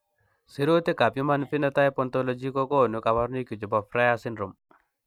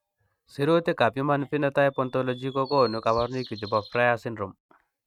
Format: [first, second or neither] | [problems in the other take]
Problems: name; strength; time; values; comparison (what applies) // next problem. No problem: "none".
first | noise reduction (neural mask model RNNoise)